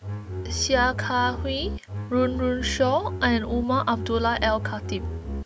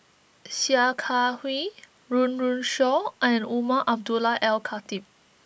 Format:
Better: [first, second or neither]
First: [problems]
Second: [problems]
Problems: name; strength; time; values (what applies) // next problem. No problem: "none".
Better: second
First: background sound (Bowed string instrument); 6 dB below the speech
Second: none